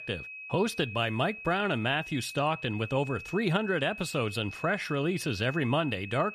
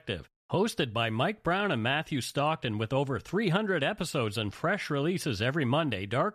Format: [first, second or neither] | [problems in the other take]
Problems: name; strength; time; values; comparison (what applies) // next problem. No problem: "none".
second | high-pitched whine; noticeable; throughout; 2.5 kHz, 10 dB below the speech